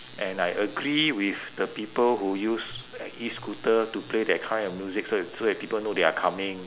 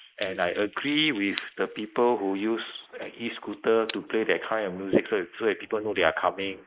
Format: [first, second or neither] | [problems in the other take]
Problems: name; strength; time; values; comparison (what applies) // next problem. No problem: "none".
first | noise reduction (neural mask model Resemble Enhance denoiser)